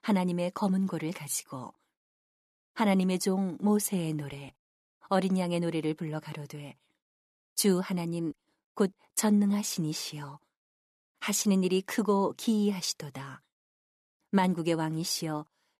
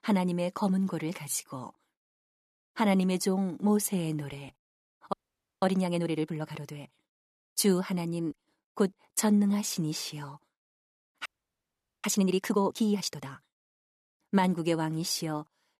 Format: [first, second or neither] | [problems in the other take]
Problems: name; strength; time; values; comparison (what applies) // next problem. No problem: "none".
first | audio freezing; at 5 s and at 11 s for 1 s